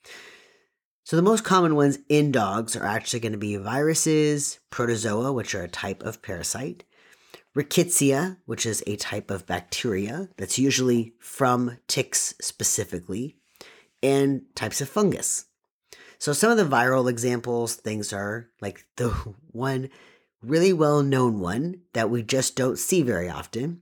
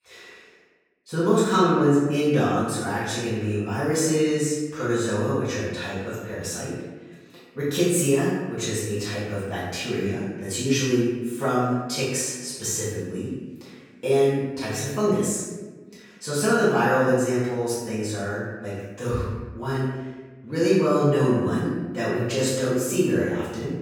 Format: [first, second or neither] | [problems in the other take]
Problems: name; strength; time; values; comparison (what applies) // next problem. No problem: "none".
first | room echo; strong; dies away in 1.1 s // off-mic speech; far